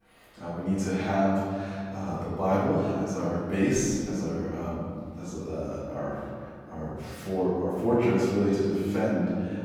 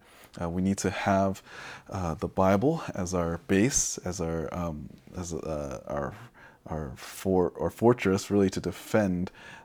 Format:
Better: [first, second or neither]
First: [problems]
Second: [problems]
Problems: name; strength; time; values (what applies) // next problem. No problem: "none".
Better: second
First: off-mic speech; far // room echo; strong; dies away in 2.1 s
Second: none